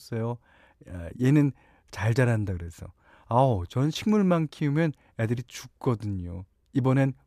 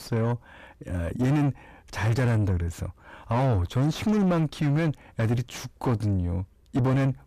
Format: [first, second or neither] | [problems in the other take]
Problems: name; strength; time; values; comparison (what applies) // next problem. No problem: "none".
first | distortion; heavy; 6 dB below the speech